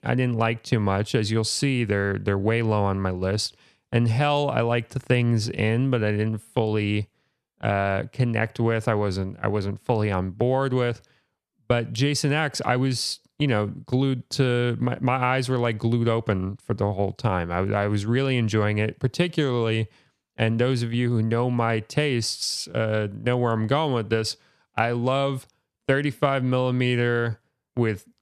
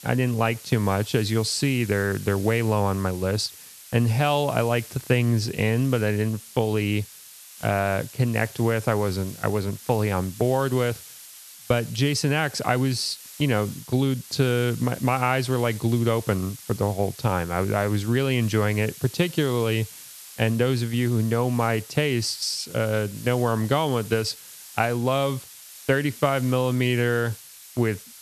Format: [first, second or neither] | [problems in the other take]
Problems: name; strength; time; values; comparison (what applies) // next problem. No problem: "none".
first | hiss; noticeable; throughout; 15 dB below the speech